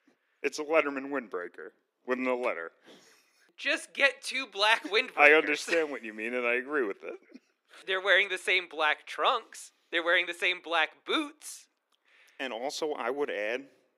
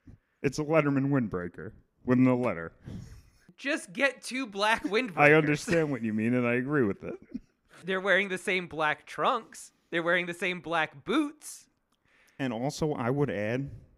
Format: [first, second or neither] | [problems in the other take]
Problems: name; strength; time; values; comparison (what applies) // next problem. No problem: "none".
second | thin; somewhat; fading below 350 Hz